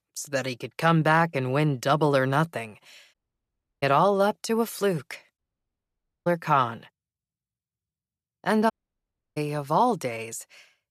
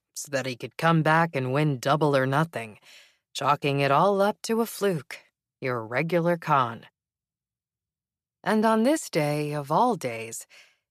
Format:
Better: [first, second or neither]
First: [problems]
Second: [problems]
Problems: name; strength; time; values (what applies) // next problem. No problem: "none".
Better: second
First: audio cutting out; at 3 s for 0.5 s, at 5.5 s for 1 s and at 8.5 s for 0.5 s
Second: none